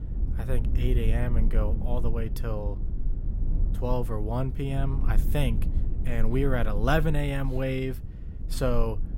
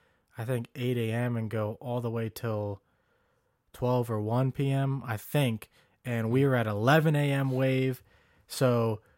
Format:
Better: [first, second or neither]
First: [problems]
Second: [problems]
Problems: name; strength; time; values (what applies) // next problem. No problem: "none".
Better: second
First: low rumble; noticeable; throughout; 15 dB below the speech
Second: none